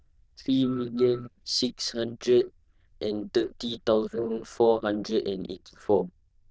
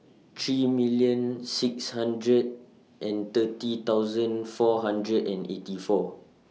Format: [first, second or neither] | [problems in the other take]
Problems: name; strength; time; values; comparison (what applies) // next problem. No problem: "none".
second | noise reduction (neural diffusion model UNIVERSE++)